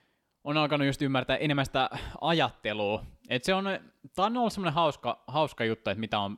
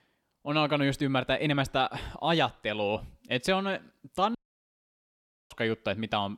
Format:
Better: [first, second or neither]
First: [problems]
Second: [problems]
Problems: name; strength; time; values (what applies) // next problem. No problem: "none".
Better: first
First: none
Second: audio cutting out; at 4.5 s for 1 s